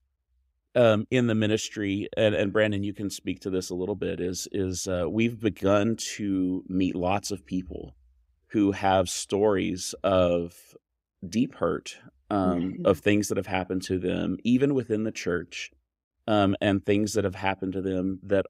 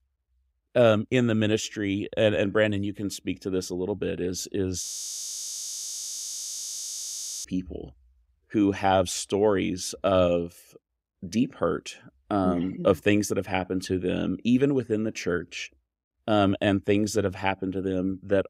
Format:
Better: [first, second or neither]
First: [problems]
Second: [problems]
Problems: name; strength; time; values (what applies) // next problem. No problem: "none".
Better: first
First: none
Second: audio freezing; at 5 s for 2.5 s